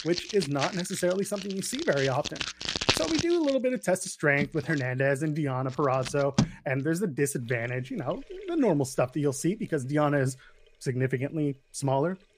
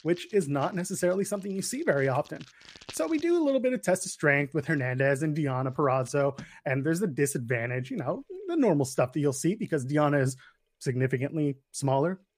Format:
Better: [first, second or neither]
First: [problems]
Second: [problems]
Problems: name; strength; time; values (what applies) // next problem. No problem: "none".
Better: second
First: household noises; loud; throughout; 5 dB below the speech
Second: household noises; faint; throughout; 25 dB below the speech